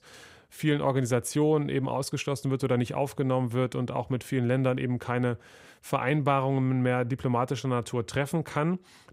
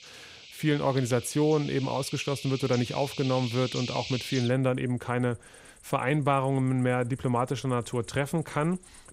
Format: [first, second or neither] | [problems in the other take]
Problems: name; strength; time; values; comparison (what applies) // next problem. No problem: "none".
first | animal sounds; noticeable; throughout; 10 dB below the speech